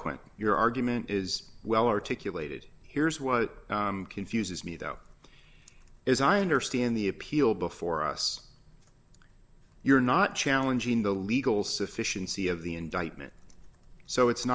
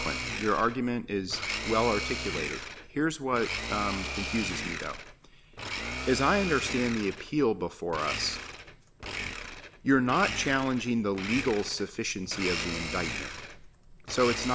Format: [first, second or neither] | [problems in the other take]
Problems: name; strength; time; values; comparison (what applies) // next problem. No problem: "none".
first | background sound (Domestic sounds, home sounds); 6 dB below the speech